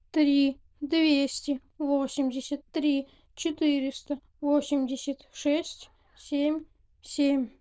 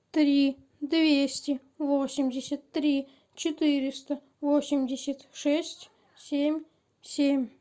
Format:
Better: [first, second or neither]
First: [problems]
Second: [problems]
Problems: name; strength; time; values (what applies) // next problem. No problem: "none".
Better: second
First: noise reduction (neural diffusion model UNIVERSE++)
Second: none